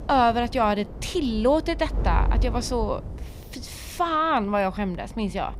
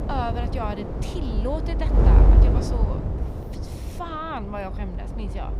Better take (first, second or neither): first